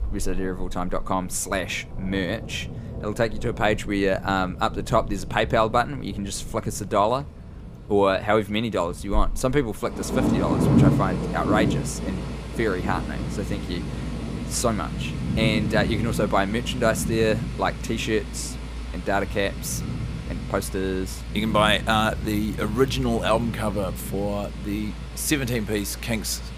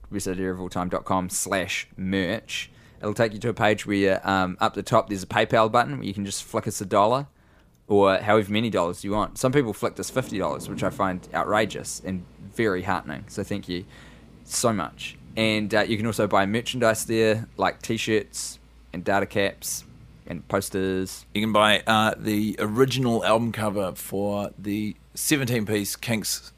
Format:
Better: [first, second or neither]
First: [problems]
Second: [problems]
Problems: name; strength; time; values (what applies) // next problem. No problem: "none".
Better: second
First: rain or running water; loud; throughout; 4 dB below the speech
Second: rain or running water; faint; throughout; 25 dB below the speech